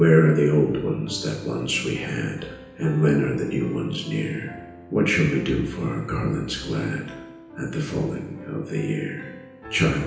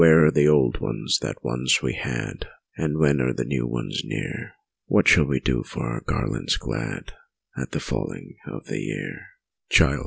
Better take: second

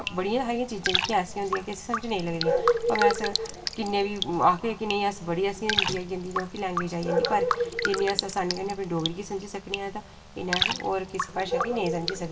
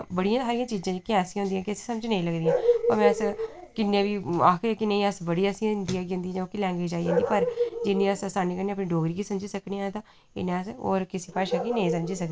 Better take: second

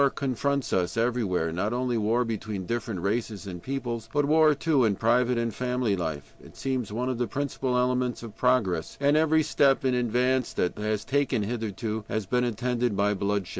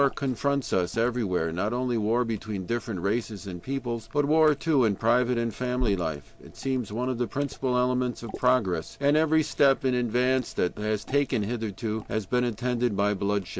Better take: first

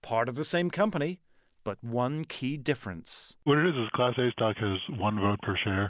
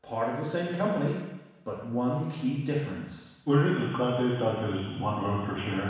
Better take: first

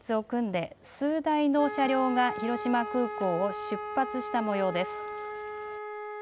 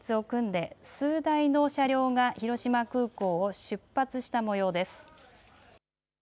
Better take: second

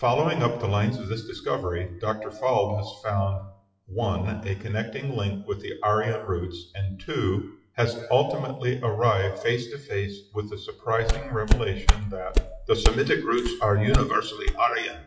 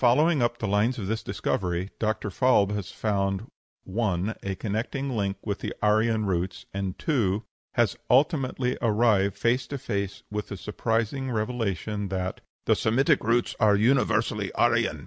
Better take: second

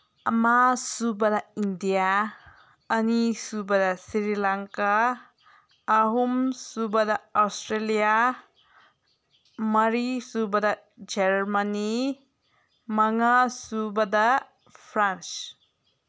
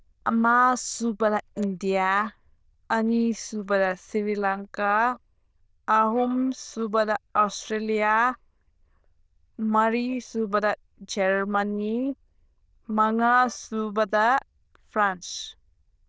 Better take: first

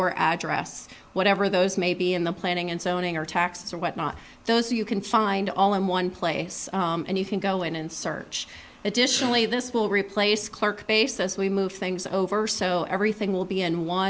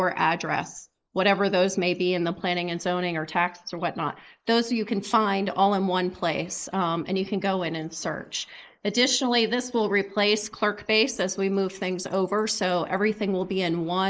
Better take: first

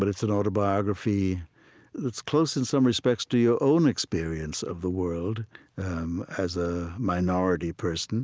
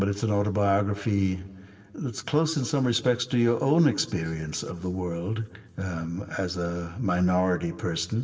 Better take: first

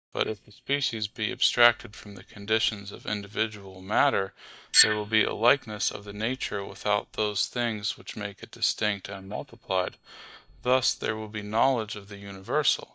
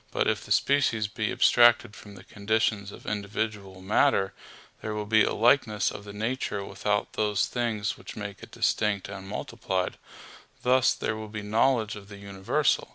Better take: second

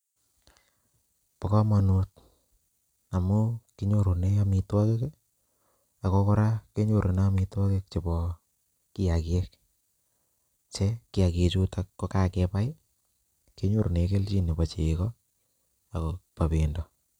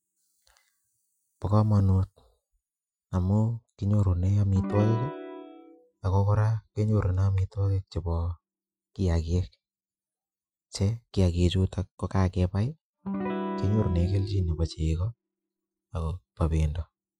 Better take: first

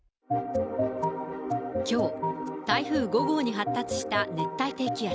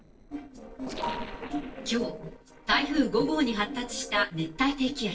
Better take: first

